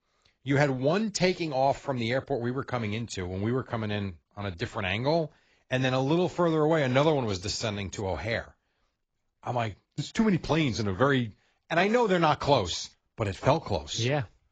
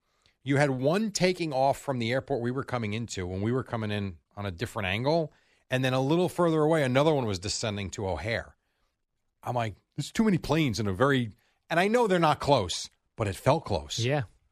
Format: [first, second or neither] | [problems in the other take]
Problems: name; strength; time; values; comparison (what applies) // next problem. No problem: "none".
second | garbled, watery; badly; nothing above 7.5 kHz